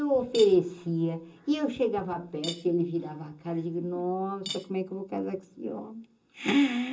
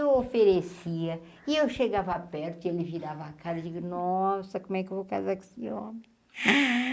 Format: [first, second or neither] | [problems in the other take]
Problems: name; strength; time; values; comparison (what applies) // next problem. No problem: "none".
second | background sound (Cutlery, silverware / Dishes, pots, and pans); 17 dB below the speech // room echo; dies away in 0.2 s